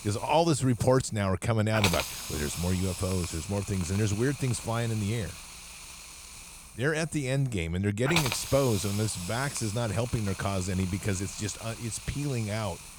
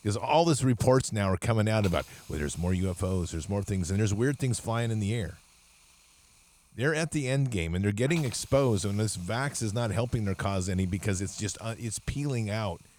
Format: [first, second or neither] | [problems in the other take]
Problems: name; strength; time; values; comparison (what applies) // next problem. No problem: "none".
second | hiss; loud; throughout; 7 dB below the speech; faint in the second